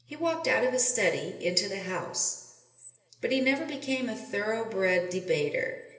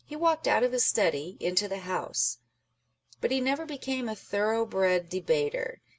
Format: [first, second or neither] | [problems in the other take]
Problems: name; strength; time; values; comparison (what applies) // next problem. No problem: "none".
second | room echo; dies away in 1.4 s